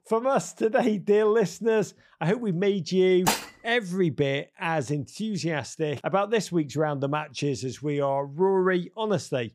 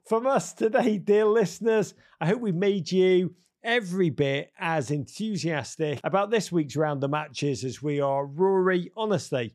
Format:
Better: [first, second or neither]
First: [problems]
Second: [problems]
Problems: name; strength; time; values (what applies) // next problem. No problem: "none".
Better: second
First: clattering dishes; noticeable; at 3.5 s; peak 1 dB below the speech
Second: none